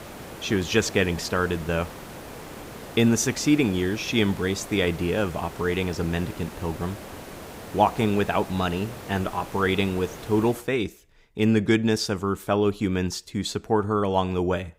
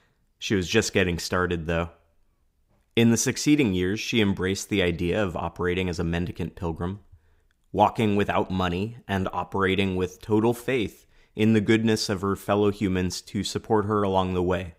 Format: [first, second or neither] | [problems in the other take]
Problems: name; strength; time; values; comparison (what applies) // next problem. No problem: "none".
second | hiss; noticeable; until 11 s; 15 dB below the speech